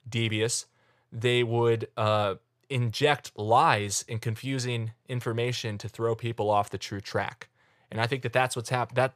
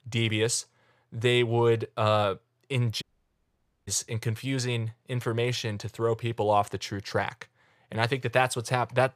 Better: first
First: none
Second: audio cutting out; at 3 s for 1 s

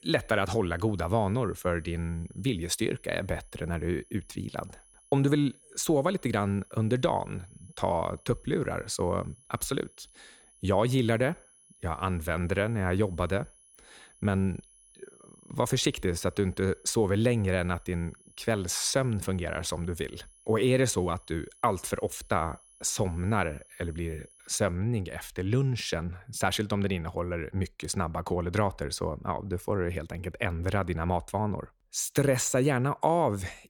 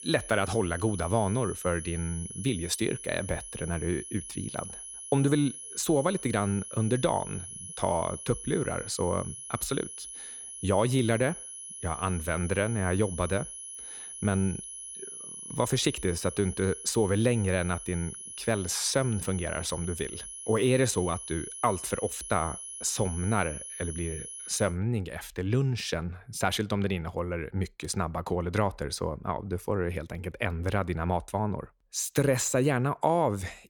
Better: first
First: high-pitched whine; faint; until 25 s; 10.5 kHz, 25 dB below the speech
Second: high-pitched whine; loud; until 25 s; 10.5 kHz, 9 dB below the speech

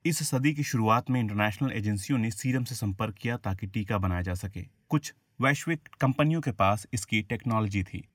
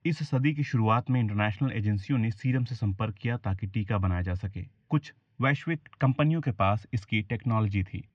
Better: first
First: none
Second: muffled; slightly; fading above 4 kHz

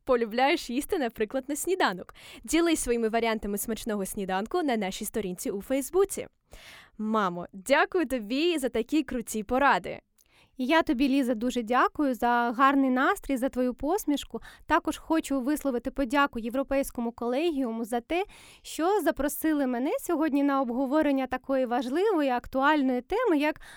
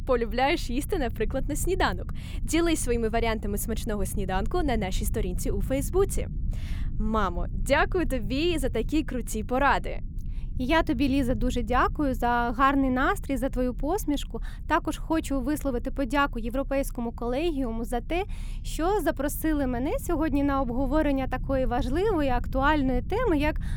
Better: first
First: none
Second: low rumble; faint; throughout; 25 dB below the speech

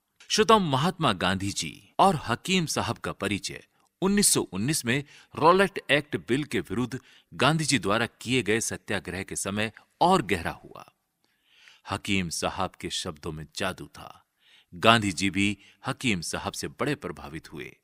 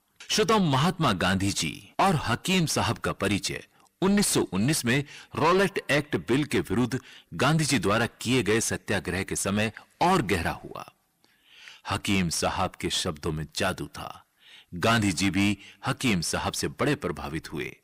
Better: first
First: none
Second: distortion; heavy; 6 dB below the speech

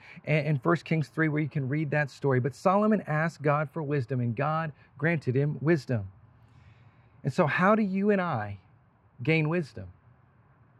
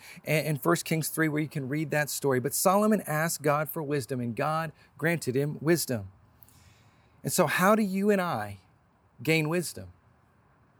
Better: second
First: muffled; slightly; fading above 2.5 kHz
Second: none

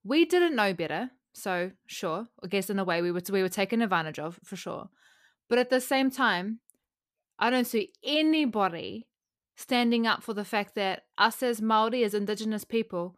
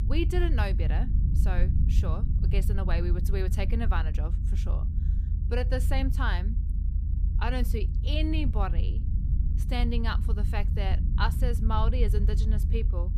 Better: first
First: none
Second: low rumble; loud; throughout; 10 dB below the speech

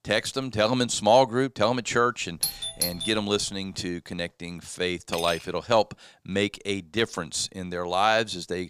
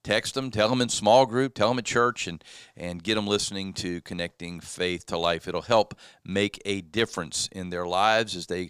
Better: second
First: doorbell; noticeable; at 2.5 s; peak 2 dB below the speech // clattering dishes; noticeable; at 5 s; peak 9 dB below the speech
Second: none

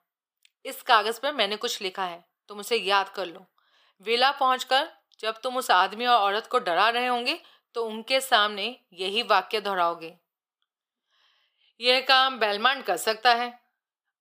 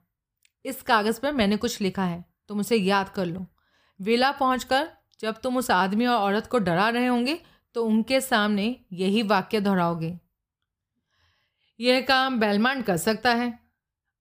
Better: second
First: thin; very; fading below 400 Hz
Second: none

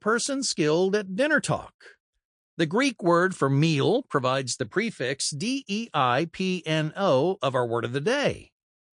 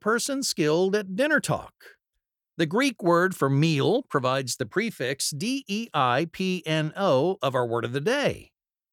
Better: second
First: garbled, watery; slightly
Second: none

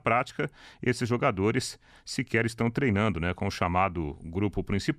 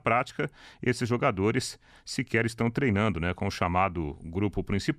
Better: neither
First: none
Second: none

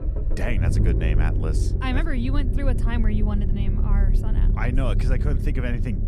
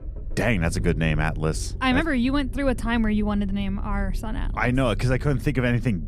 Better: second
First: low rumble; loud; throughout; 5 dB below the speech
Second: low rumble; faint; throughout; 20 dB below the speech

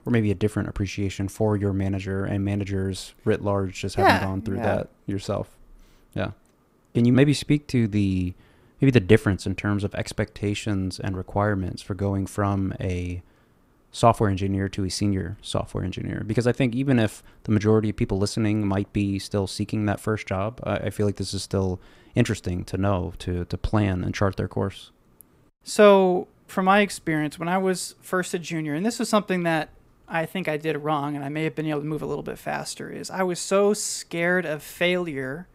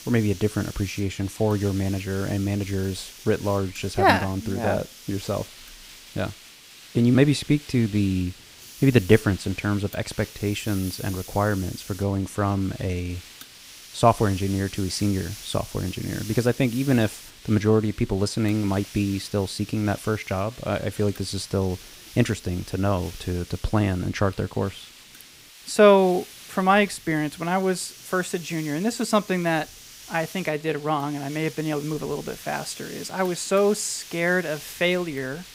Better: first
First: none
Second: hiss; noticeable; throughout; 15 dB below the speech

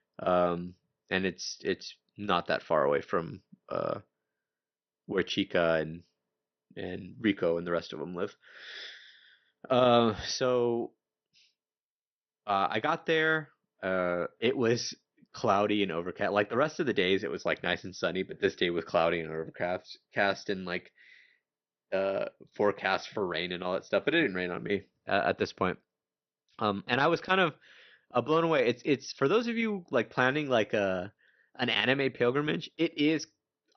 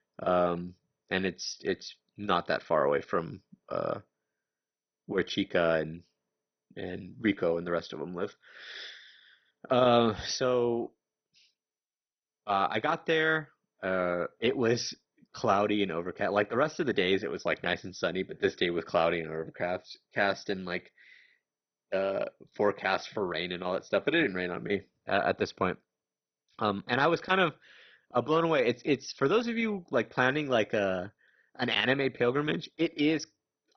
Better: first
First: garbled, watery; slightly; nothing above 6 kHz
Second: garbled, watery; badly; nothing above 6 kHz

